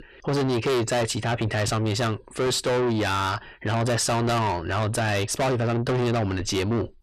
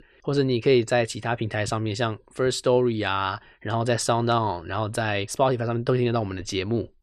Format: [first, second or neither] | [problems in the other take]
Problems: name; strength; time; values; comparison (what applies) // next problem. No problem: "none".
second | distortion; heavy; 6 dB below the speech